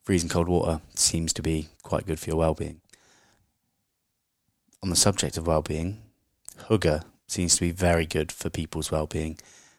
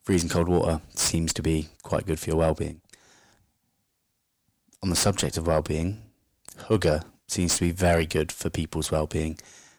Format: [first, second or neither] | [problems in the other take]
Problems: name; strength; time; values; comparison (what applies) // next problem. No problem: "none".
first | distortion; slight; 10 dB below the speech